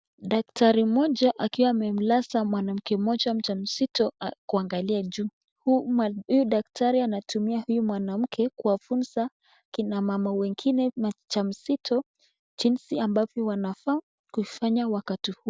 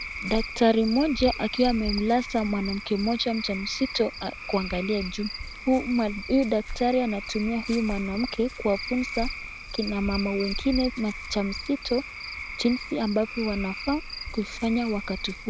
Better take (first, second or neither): first